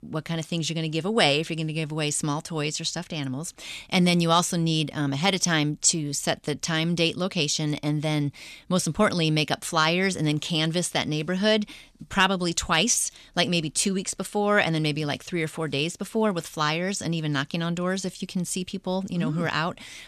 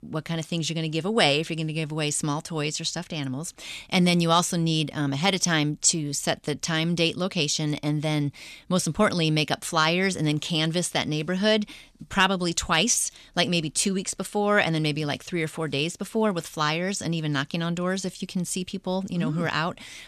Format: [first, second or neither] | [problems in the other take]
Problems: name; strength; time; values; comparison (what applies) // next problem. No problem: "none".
neither | none